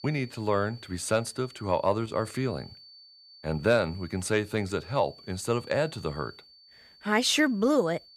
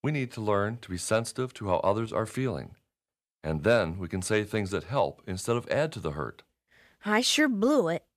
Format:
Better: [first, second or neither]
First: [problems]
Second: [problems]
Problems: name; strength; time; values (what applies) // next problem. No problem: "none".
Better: second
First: high-pitched whine; faint; throughout; 4.5 kHz, 20 dB below the speech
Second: none